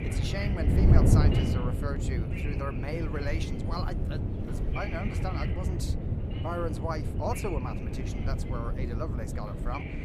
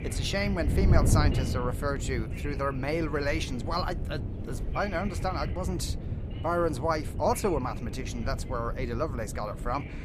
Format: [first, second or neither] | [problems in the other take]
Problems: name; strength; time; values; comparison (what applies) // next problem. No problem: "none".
second | wind noise on the microphone; heavy; 1 dB below the speech; occasional gusts in the second